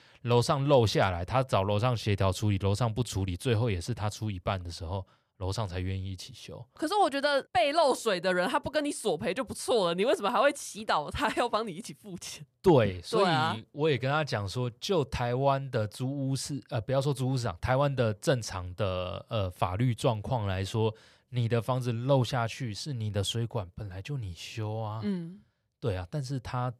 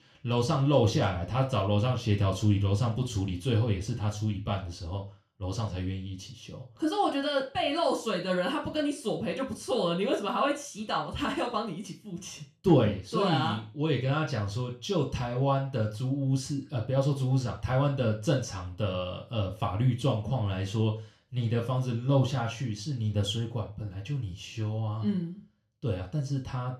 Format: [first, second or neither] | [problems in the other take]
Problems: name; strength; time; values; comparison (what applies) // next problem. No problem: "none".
first | room echo; slight; dies away in 0.3 s // off-mic speech; somewhat distant